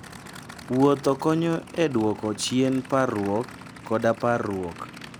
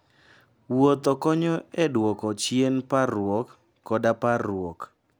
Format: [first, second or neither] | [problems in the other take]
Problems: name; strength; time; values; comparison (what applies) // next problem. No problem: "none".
second | background sound (Idling / Aircraft); 17 dB below the speech